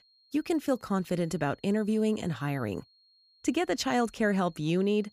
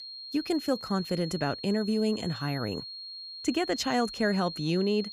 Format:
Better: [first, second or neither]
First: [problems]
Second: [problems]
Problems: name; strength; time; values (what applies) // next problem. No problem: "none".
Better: first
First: high-pitched whine; faint; throughout; 4 kHz, 30 dB below the speech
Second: high-pitched whine; loud; throughout; 4 kHz, 9 dB below the speech